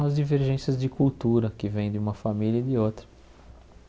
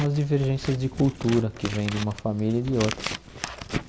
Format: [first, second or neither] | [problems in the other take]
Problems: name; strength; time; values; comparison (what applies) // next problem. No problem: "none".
first | background sound (Scissors); 10 dB below the speech